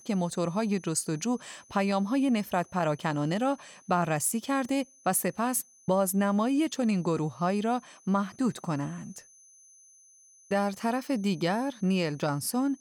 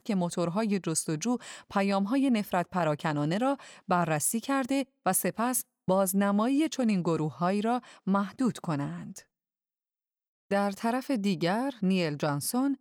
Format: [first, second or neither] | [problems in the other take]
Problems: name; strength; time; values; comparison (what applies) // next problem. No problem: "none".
second | high-pitched whine; faint; throughout; 6 kHz, 25 dB below the speech